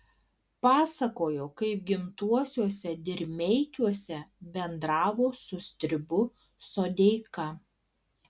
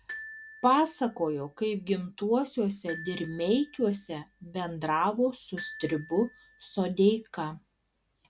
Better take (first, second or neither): first